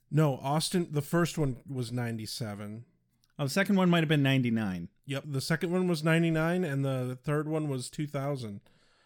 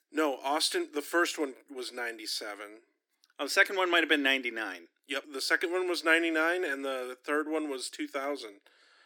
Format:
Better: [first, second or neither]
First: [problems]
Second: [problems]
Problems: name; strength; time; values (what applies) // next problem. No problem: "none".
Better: first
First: none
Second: thin; very; fading below 300 Hz